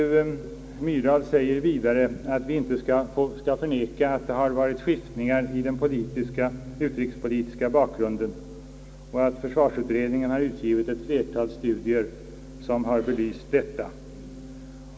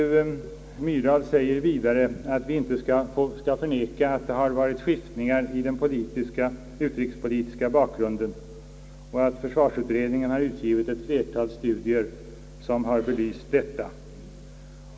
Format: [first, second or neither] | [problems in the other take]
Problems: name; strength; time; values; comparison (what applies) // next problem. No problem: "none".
second | background sound (Organ); 20 dB below the speech